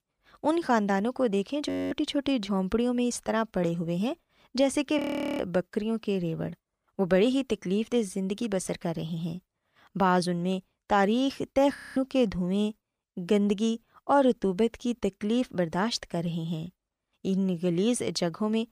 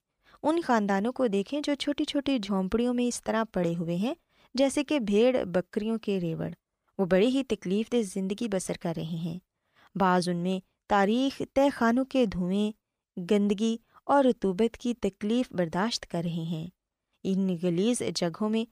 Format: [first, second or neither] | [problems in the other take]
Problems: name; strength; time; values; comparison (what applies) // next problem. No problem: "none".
second | audio freezing; at 1.5 s, at 5 s and at 12 s